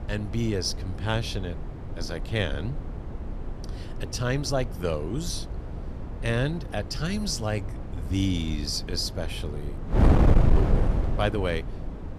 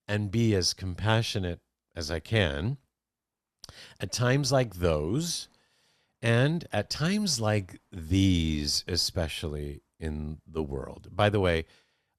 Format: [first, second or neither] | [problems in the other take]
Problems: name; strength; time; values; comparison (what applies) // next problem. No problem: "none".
second | wind noise on the microphone; heavy; 7 dB below the speech